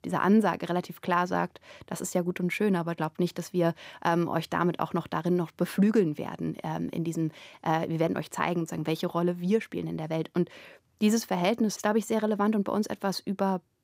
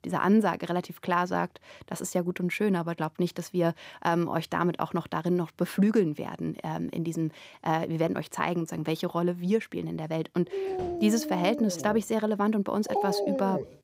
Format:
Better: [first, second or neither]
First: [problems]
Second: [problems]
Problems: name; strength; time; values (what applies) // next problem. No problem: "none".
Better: first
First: none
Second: dog barking; noticeable; from 11 s on; peak level with the speech